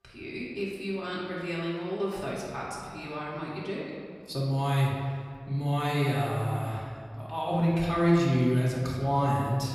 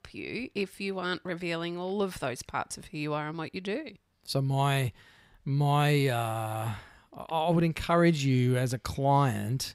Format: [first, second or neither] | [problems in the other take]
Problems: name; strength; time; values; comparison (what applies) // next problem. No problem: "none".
second | off-mic speech; far // room echo; noticeable; dies away in 1.9 s